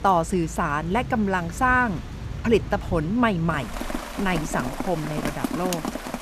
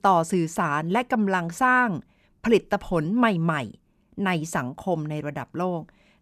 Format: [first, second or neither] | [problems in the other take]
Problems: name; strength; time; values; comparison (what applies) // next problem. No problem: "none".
second | rain or running water; loud; throughout; 8 dB below the speech